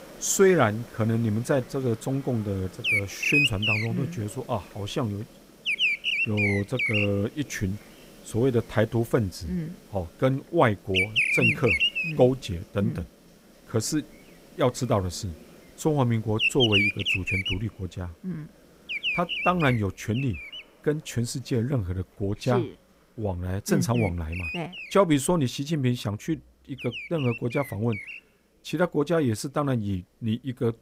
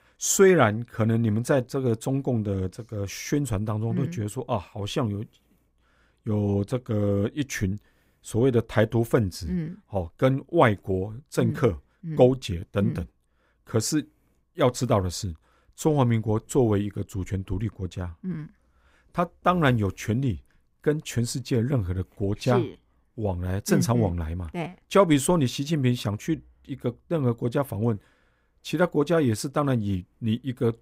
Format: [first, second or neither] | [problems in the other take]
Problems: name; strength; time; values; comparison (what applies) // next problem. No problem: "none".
second | animal sounds; very loud; throughout; 1 dB above the speech